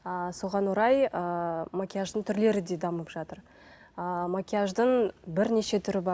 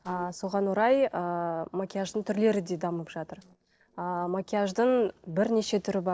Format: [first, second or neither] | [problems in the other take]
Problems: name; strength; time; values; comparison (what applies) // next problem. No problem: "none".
first | noise reduction (neural separator model SepFormer DNS4)